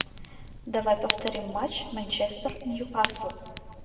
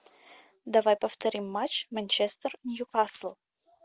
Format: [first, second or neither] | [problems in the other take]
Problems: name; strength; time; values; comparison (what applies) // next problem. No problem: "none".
second | background sound (Fire); 6 dB below the speech // room echo; dies away in 1.5 s